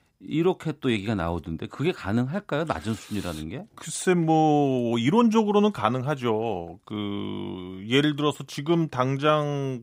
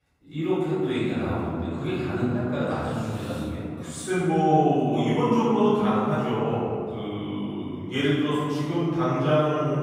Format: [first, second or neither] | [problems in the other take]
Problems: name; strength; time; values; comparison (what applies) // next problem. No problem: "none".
first | off-mic speech; far // room echo; strong; dies away in 2.4 s